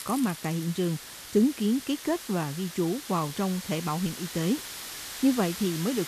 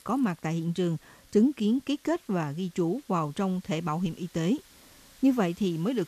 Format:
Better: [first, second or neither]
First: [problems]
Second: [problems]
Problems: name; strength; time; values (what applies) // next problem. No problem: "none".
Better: second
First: hiss; loud; throughout; 9 dB below the speech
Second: hiss; faint; throughout; 25 dB below the speech